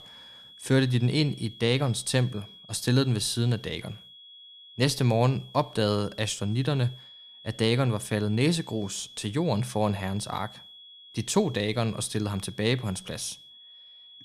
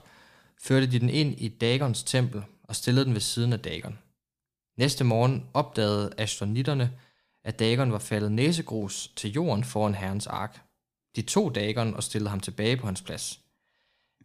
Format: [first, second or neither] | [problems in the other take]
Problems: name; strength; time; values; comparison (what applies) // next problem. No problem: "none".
second | high-pitched whine; noticeable; throughout; 3.5 kHz, 20 dB below the speech